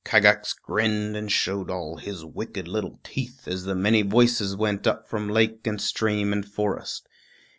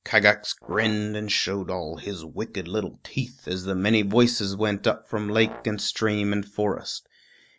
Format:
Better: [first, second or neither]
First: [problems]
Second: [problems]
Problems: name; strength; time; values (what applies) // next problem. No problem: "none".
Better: first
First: none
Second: background sound (Brass instrument); 19 dB below the speech